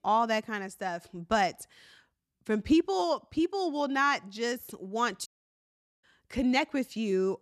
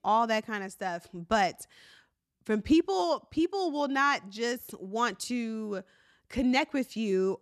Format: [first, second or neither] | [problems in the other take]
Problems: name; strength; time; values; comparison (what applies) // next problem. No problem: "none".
second | audio cutting out; at 5.5 s for 1 s